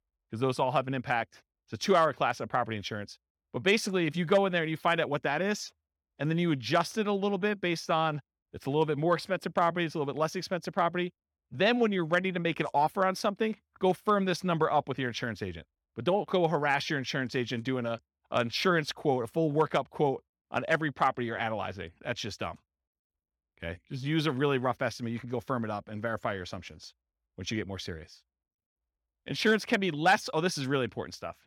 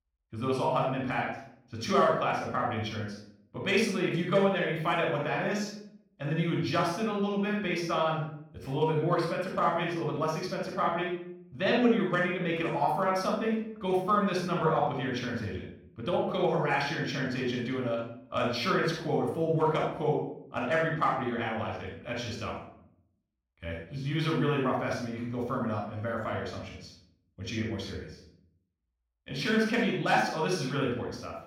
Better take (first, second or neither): first